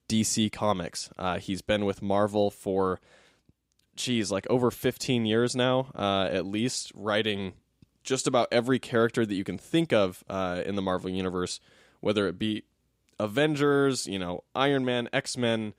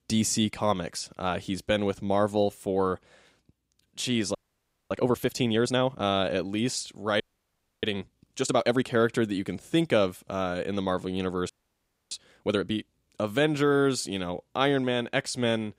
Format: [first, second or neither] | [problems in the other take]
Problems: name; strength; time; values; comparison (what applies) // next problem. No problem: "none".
first | audio freezing; at 4.5 s for 0.5 s, at 7 s for 0.5 s and at 12 s for 0.5 s